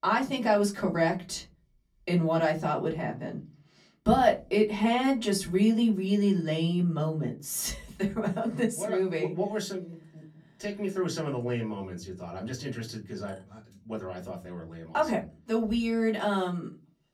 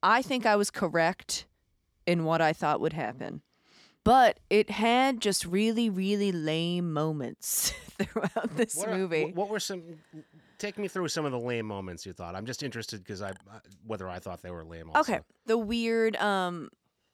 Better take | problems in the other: second | off-mic speech; far // room echo; very slight; dies away in 0.3 s

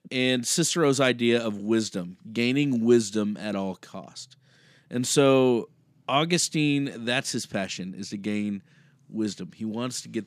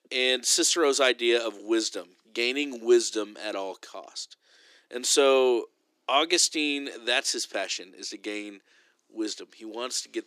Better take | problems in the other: first | thin; somewhat; fading below 350 Hz

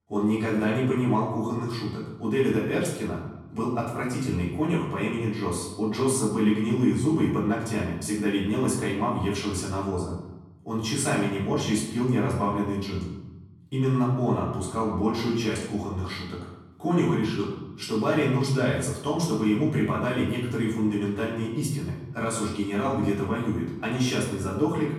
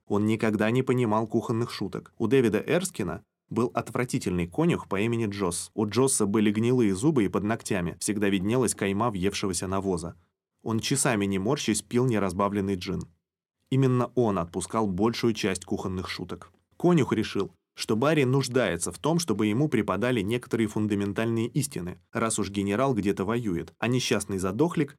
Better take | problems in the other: second | off-mic speech; far // room echo; noticeable; dies away in 0.9 s

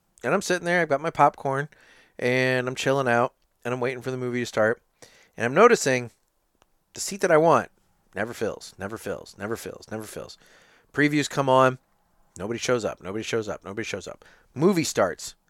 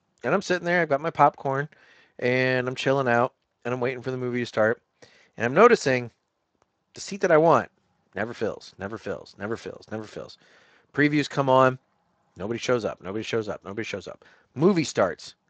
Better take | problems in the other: first | garbled, watery; slightly; nothing above 7.5 kHz

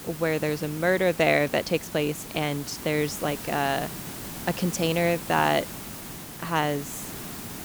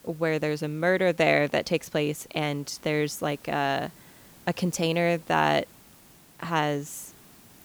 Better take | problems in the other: second | hiss; loud; throughout; 10 dB below the speech; faint in the second

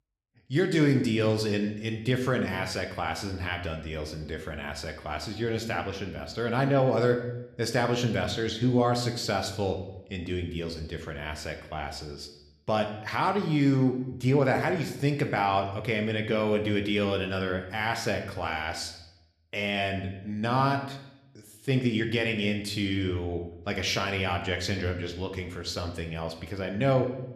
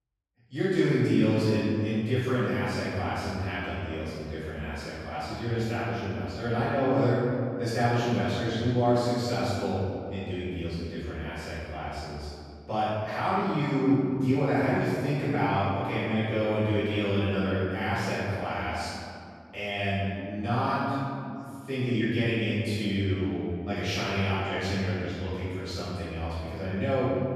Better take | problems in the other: first | room echo; strong; dies away in 2.5 s; slight in the first // off-mic speech; far

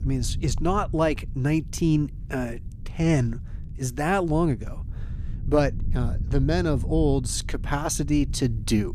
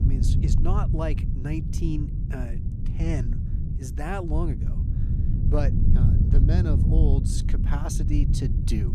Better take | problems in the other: first | low rumble; loud; throughout; 3 dB below the speech; faint in the first

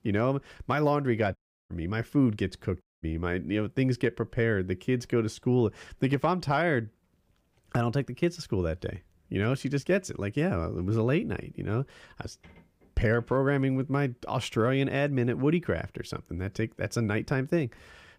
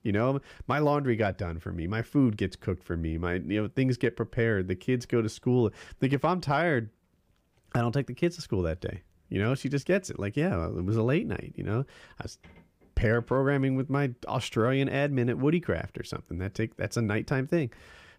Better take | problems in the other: second | audio cutting out; at 1.5 s and at 3 s

